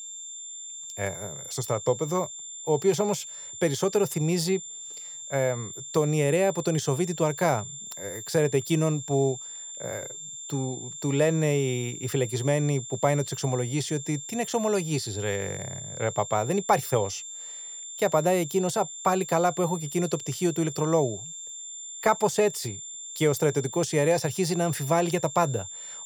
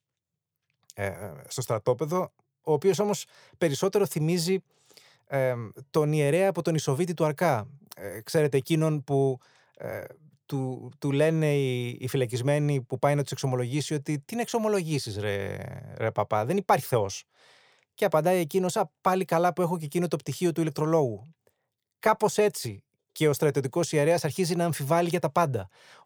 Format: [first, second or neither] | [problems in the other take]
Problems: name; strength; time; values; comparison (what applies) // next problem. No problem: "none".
second | high-pitched whine; loud; throughout; 7 kHz, 10 dB below the speech